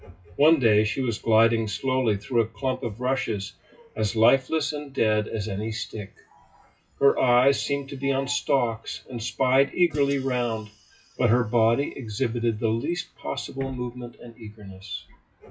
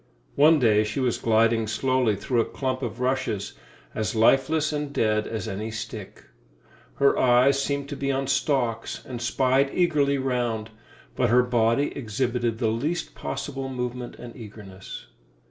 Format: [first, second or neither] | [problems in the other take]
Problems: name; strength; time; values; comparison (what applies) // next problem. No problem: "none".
second | noise reduction (classical method WPE with log-MMSE)